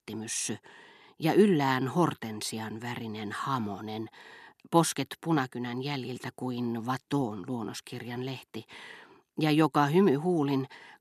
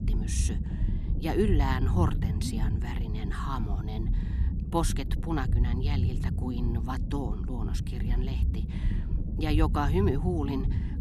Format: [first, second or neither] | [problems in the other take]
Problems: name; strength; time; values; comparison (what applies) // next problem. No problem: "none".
first | low rumble; loud; throughout; 9 dB below the speech